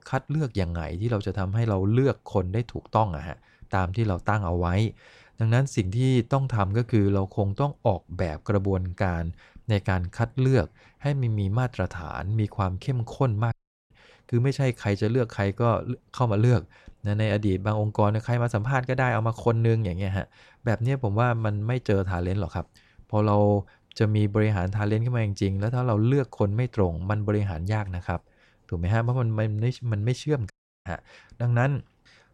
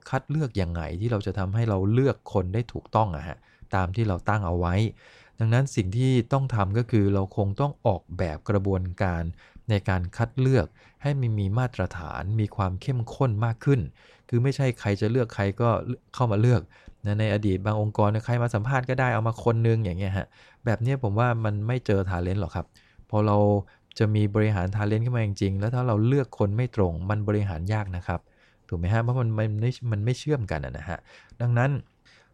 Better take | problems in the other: second | audio cutting out; at 14 s and at 31 s

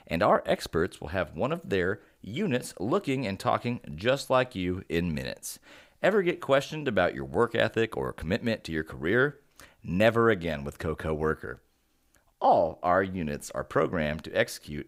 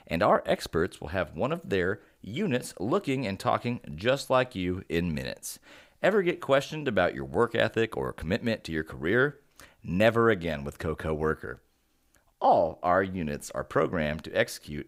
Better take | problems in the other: neither | none

